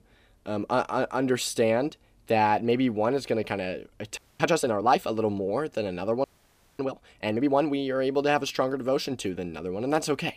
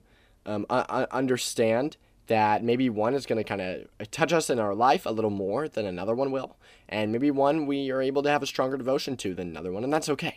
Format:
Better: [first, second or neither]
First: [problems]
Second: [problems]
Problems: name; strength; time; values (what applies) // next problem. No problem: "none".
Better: second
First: audio freezing; at 4 s and at 6 s for 0.5 s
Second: none